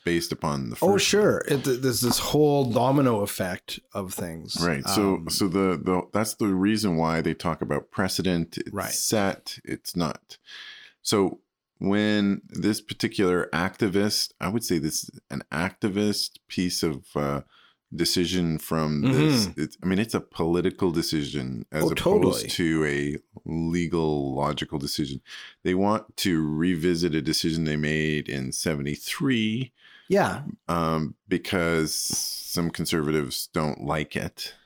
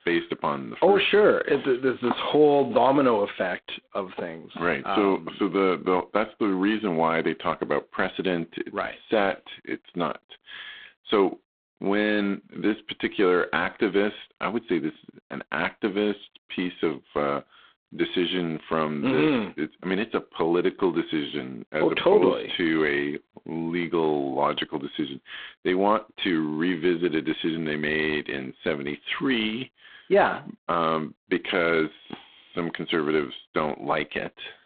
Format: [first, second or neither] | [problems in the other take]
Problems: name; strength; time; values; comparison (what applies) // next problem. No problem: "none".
first | phone-call audio; poor line